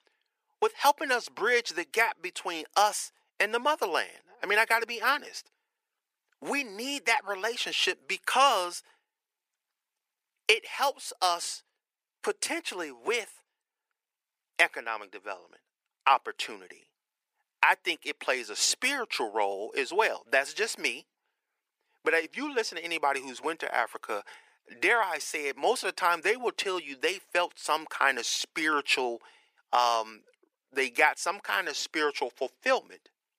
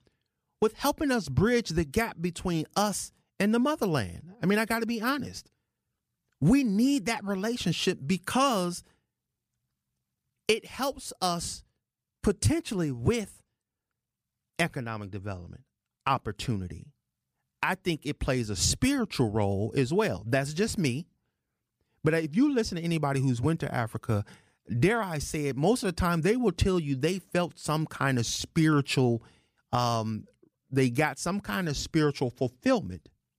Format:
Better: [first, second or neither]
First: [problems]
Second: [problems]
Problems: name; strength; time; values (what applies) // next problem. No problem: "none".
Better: second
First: thin; very; fading below 400 Hz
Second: none